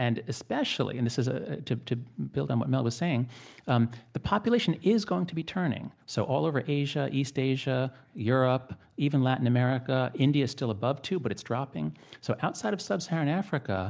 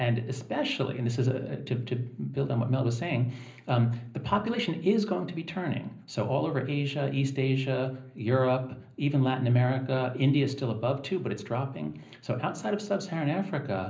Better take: first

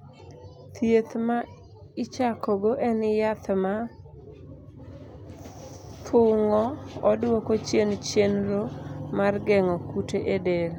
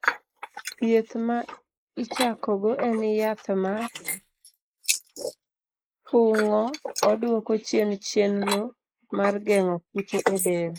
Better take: first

